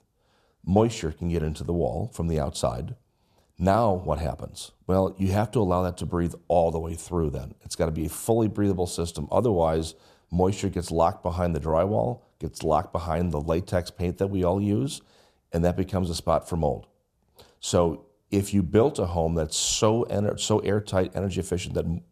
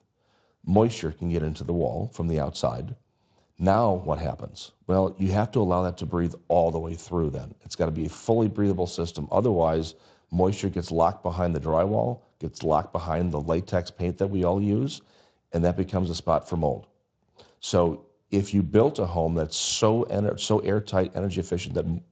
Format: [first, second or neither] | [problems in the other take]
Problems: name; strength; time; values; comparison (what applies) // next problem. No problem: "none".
first | garbled, watery; slightly; nothing above 7.5 kHz